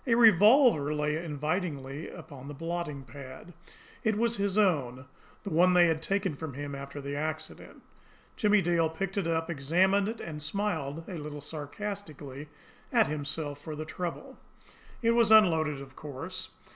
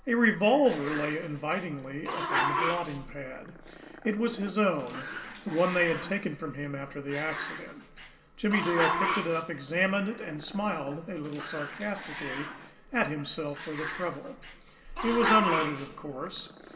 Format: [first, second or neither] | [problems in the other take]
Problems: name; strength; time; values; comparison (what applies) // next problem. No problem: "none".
first | background sound (Growling); 6 dB below the speech // room echo; dies away in 2.6 s